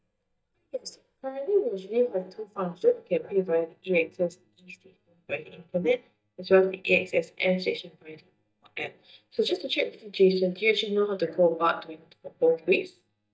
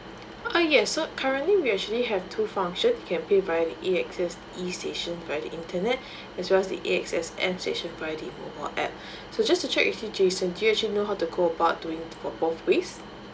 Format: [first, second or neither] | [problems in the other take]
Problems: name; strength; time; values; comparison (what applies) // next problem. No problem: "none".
second | noise reduction (neural mask model DeepFilterNet 3)